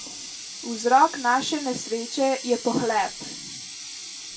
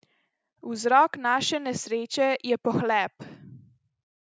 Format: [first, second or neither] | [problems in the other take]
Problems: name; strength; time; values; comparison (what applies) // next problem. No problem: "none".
second | background sound (Water tap, faucet); 12 dB below the speech // room echo; dies away in 0.2 s